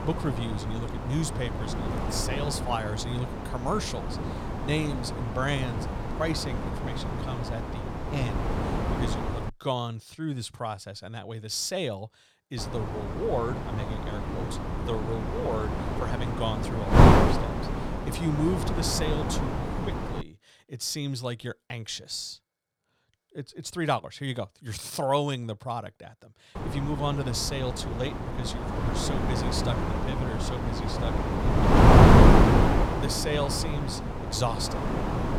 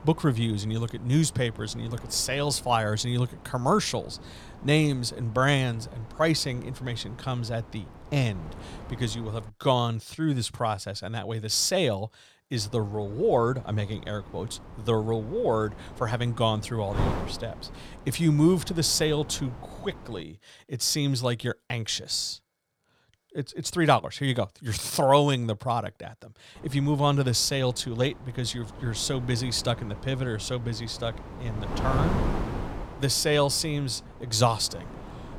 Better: second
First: wind noise on the microphone; heavy; until 9.5 s, from 13 to 20 s and from 27 s on; 4 dB above the speech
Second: wind noise on the microphone; occasional gusts; until 9.5 s, from 13 to 20 s and from 27 s on; 15 dB below the speech

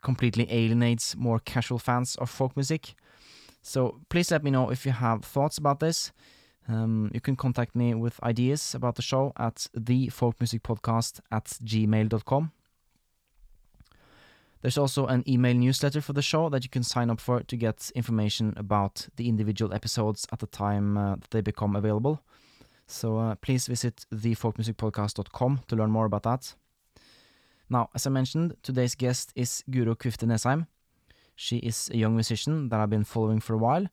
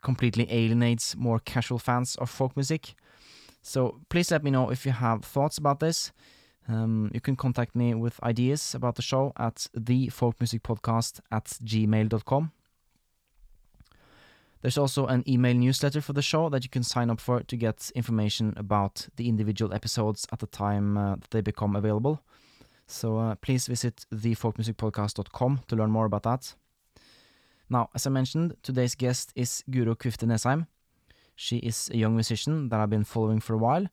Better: neither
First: none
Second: none

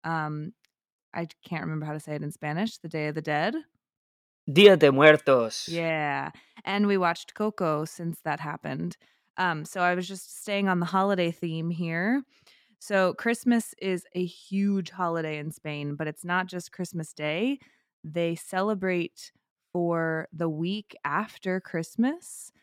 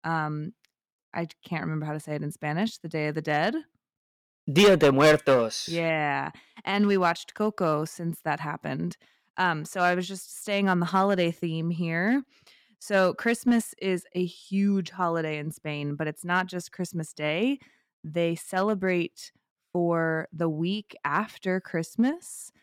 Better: first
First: none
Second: distortion; slight; 1.4% of the sound clipped

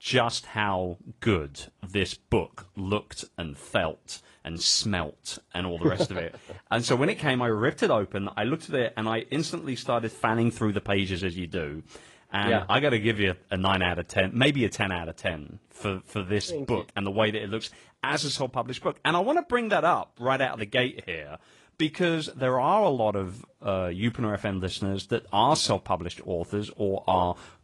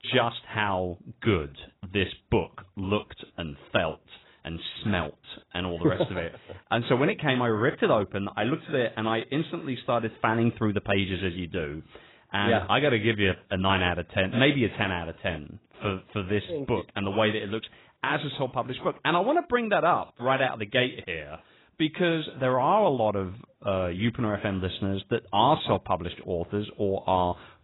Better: first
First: garbled, watery; slightly; nothing above 10 kHz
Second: garbled, watery; badly; nothing above 4 kHz

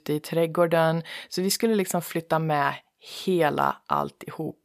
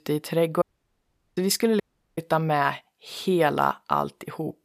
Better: first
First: none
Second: audio cutting out; at 0.5 s for 1 s and at 2 s

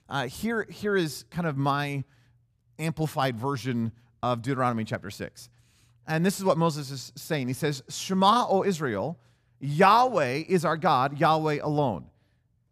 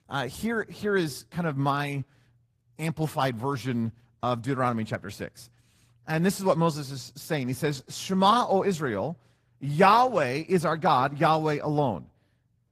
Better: first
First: none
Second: garbled, watery; slightly; nothing above 14.5 kHz

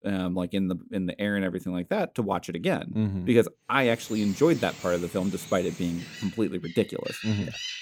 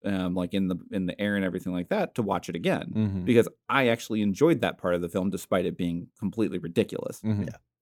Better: second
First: animal sounds; noticeable; from 4 s on; 15 dB below the speech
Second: none

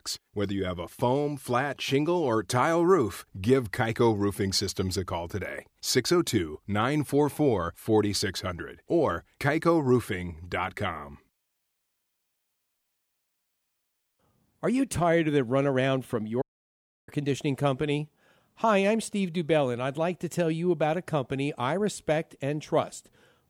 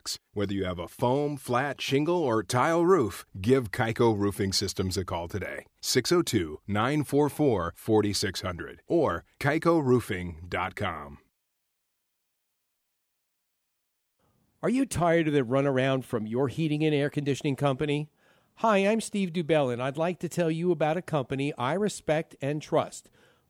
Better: second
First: audio cutting out; at 16 s for 0.5 s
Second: none

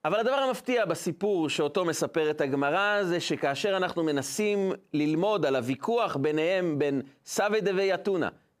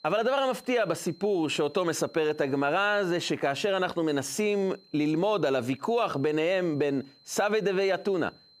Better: first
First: none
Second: high-pitched whine; faint; until 3.5 s and from 4.5 s on; 4 kHz, 30 dB below the speech

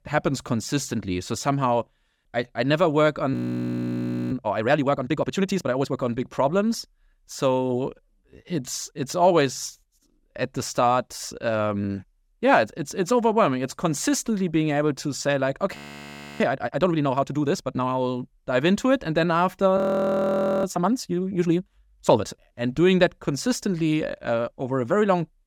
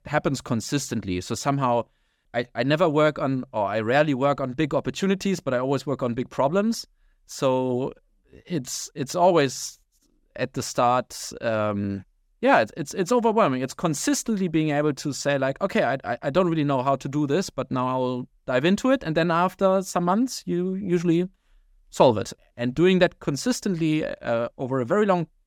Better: second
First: audio freezing; at 3.5 s for 1 s, at 16 s for 0.5 s and at 20 s for 1 s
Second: none

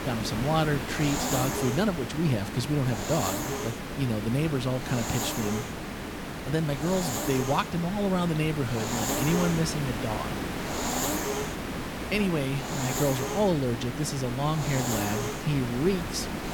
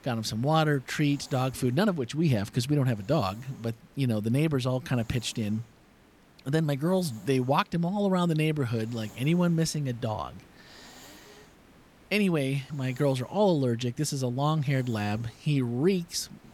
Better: second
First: hiss; loud; throughout; 3 dB below the speech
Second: hiss; faint; throughout; 25 dB below the speech

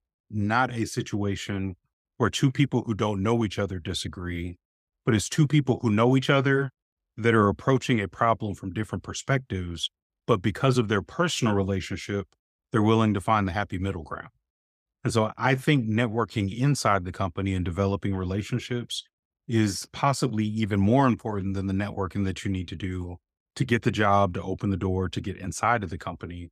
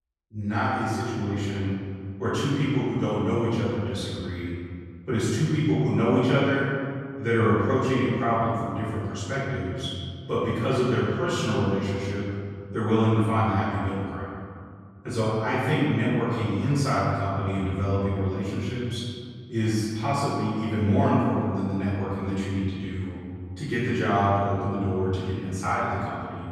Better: first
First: none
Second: off-mic speech; far // room echo; strong; dies away in 1.9 s

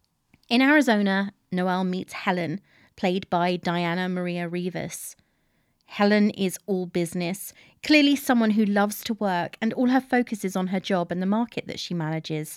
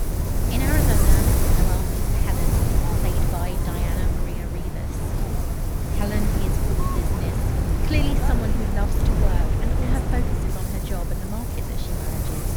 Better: first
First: none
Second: wind noise on the microphone; heavy; 3 dB above the speech

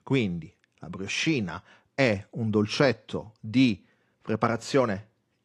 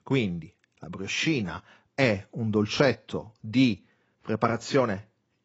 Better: first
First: garbled, watery; slightly; nothing above 13 kHz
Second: garbled, watery; badly; nothing above 7.5 kHz

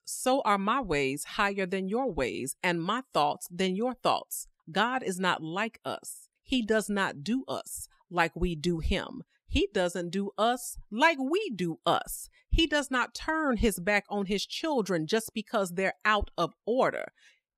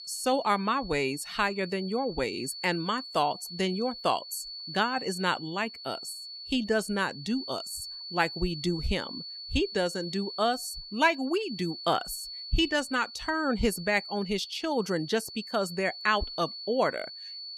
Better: first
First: none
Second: high-pitched whine; loud; throughout; 4.5 kHz, 10 dB below the speech

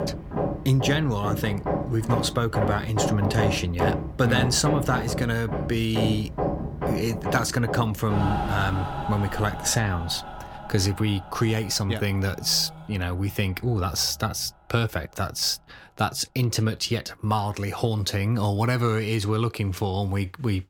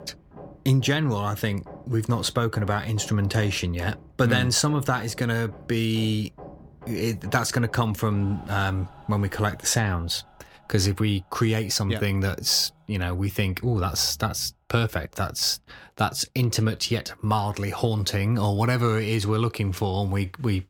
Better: second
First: machinery noise; loud; throughout; 5 dB below the speech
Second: machinery noise; faint; throughout; 20 dB below the speech

